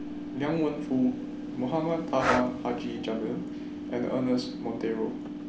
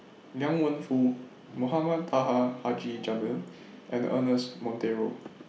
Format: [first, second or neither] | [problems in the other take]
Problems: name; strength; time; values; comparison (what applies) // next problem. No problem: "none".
second | background sound (Subway, metro, underground / Train + Breathing); 4 dB below the speech